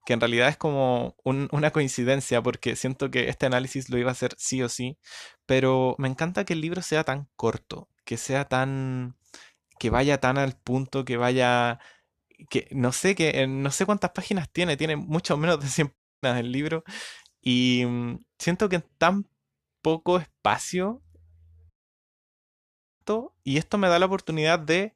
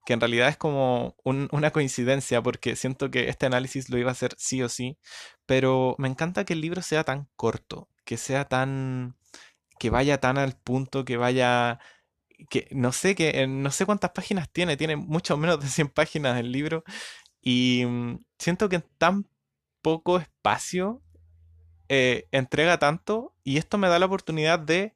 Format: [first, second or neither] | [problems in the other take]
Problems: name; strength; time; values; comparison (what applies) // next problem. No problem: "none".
second | audio cutting out; at 16 s and at 22 s for 1.5 s